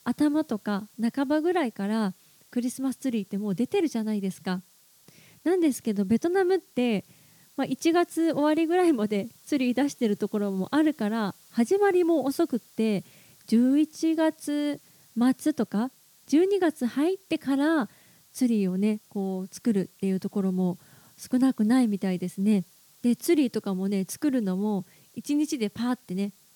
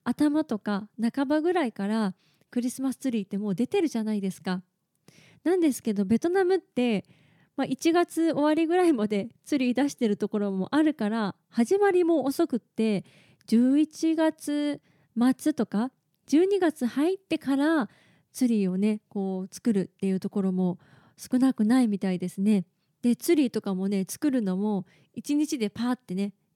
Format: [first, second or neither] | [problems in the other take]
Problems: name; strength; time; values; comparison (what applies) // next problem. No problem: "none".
second | hiss; faint; throughout; 30 dB below the speech